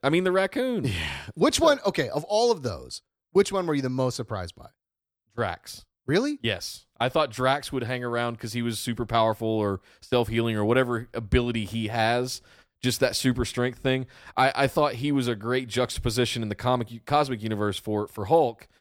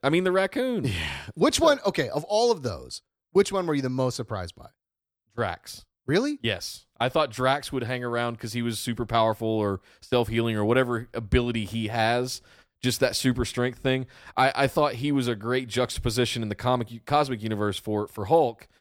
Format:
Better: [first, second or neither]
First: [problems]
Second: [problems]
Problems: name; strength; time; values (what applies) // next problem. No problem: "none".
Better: neither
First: none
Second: none